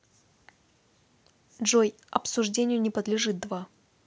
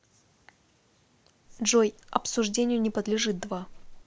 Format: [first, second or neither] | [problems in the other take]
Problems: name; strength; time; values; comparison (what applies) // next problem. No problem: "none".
first | background sound (Livestock, farm animals, working animals); 19 dB below the speech